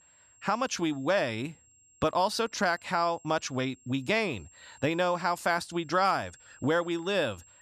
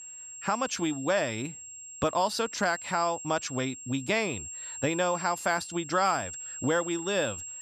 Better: first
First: high-pitched whine; faint; throughout; 7.5 kHz, 25 dB below the speech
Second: high-pitched whine; loud; throughout; 7.5 kHz, 10 dB below the speech

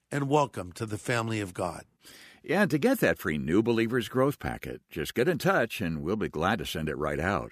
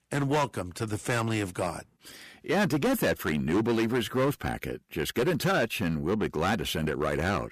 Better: first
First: none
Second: distortion; heavy; 11% of the sound clipped

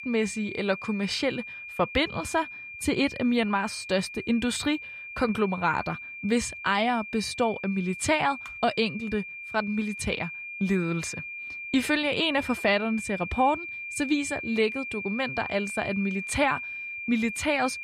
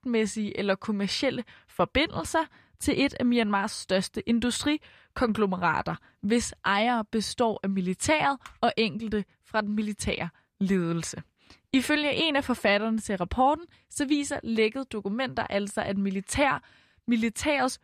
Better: second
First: high-pitched whine; loud; throughout; 2.5 kHz, 8 dB below the speech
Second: none

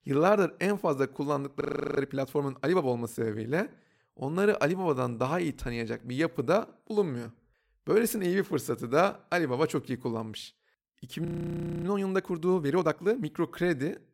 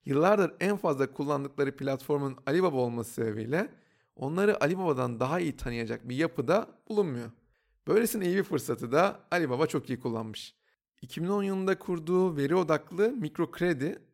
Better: second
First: audio freezing; at 1.5 s and at 11 s for 0.5 s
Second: none

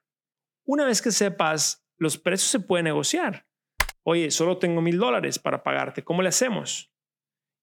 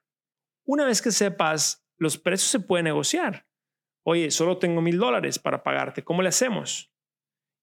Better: second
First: keyboard typing; noticeable; at 4 s; peak 4 dB below the speech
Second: none

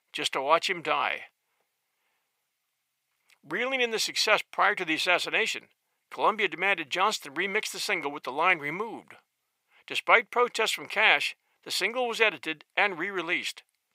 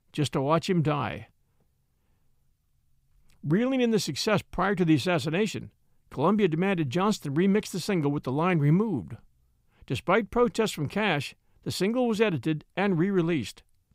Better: second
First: thin; very; fading below 750 Hz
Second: none

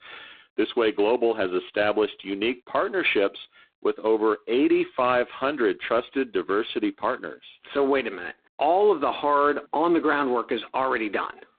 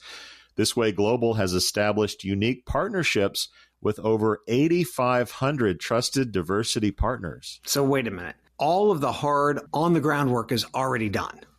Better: second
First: phone-call audio; poor line; nothing above 3.5 kHz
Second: none

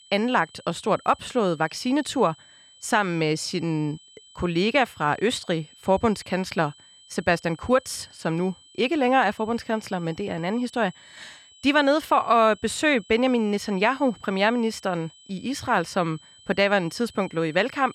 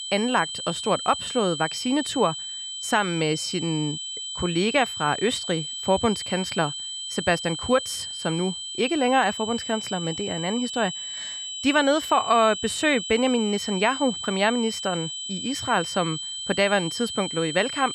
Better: first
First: high-pitched whine; faint; throughout; 3 kHz, 25 dB below the speech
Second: high-pitched whine; loud; throughout; 3 kHz, 6 dB below the speech

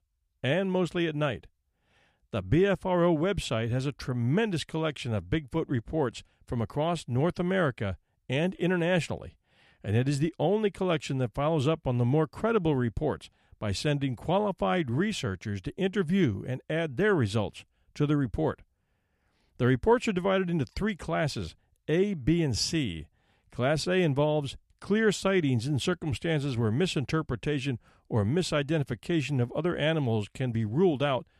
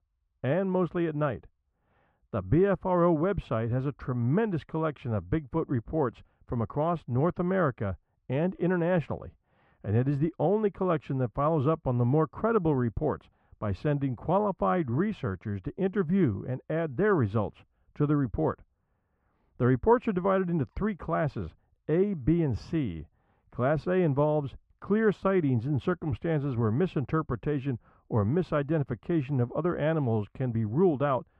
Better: first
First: none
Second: muffled; very; fading above 3 kHz

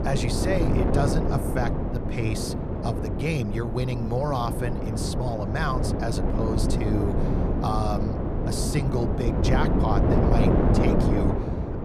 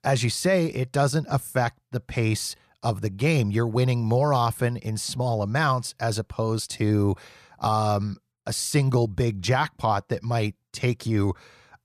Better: second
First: wind noise on the microphone; heavy; as loud as the speech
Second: none

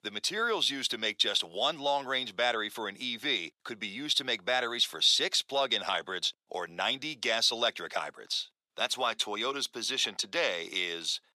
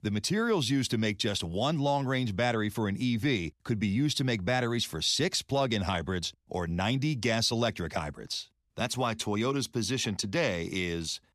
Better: second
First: thin; very; fading below 550 Hz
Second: none

